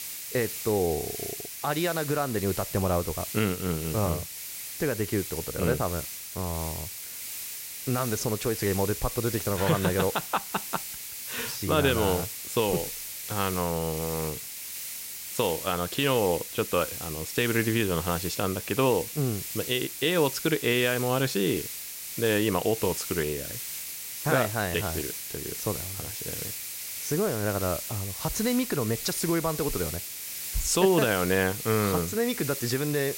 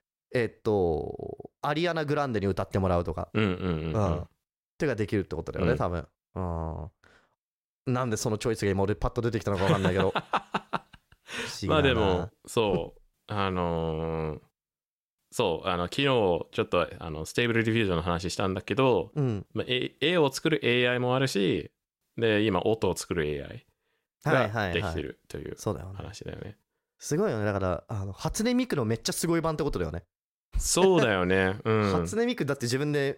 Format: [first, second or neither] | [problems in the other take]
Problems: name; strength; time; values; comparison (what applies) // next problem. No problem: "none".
second | hiss; loud; throughout; 6 dB below the speech